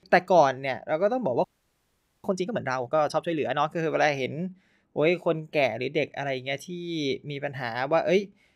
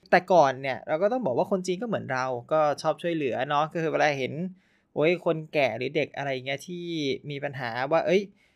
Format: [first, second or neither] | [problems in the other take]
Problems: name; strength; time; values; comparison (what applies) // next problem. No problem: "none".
second | audio freezing; at 1.5 s for 1 s